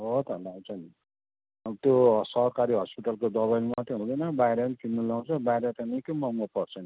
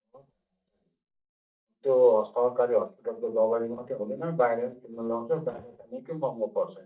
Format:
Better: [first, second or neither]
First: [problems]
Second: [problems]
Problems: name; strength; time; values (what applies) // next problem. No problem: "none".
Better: first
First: none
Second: noise reduction (neural mask model DeepFilterNet 3)